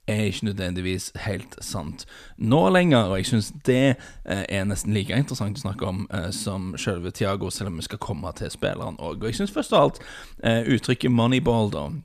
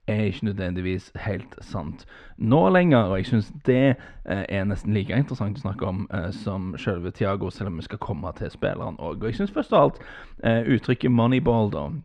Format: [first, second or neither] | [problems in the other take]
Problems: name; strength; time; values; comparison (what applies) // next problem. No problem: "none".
first | muffled; slightly; fading above 2.5 kHz